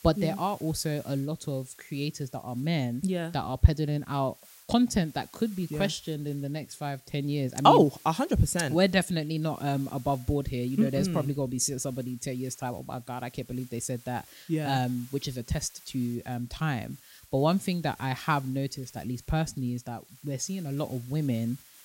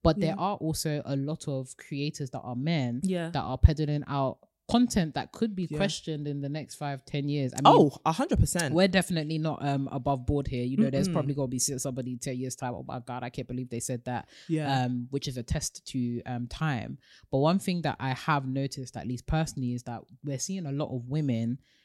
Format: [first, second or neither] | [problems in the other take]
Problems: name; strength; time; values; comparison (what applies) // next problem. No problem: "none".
second | hiss; faint; throughout; 20 dB below the speech